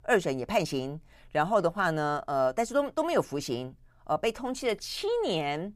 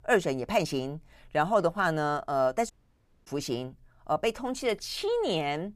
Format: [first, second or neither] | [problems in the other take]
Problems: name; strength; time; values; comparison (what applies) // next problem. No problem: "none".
first | audio cutting out; at 2.5 s for 0.5 s